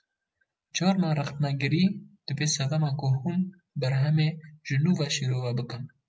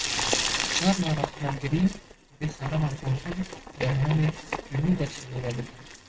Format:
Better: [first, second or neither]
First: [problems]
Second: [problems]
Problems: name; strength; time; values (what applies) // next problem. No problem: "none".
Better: first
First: none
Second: noise reduction (neural mask model RNNoise)